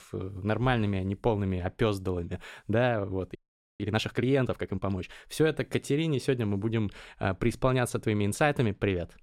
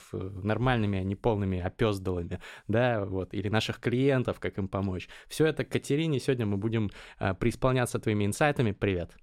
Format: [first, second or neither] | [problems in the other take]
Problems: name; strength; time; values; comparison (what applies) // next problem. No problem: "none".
second | audio freezing; at 3.5 s